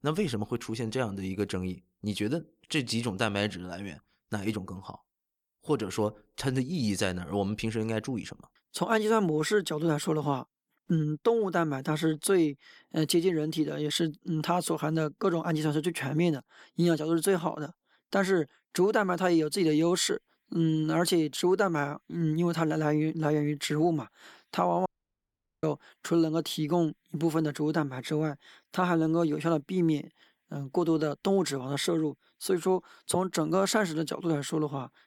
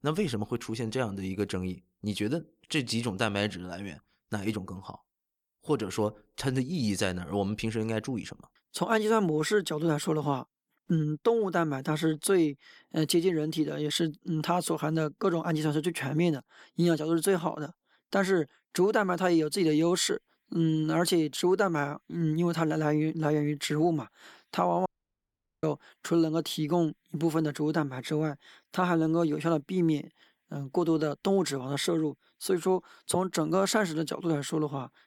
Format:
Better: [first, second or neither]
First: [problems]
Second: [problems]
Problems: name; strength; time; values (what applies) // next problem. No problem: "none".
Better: neither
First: audio cutting out; at 25 s for 1 s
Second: audio cutting out; at 25 s for 1 s